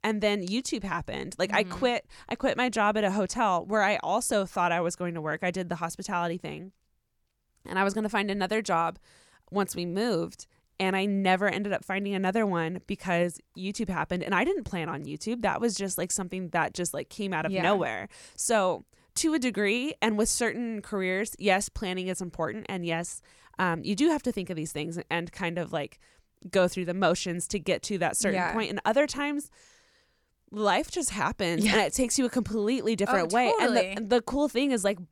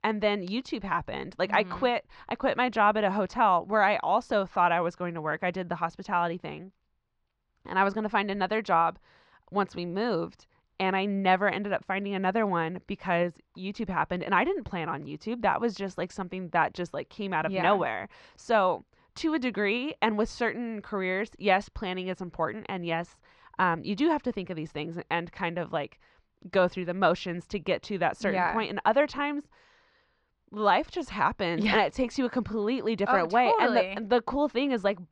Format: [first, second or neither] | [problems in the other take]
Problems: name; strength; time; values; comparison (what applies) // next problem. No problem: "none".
first | muffled; slightly; fading above 4.5 kHz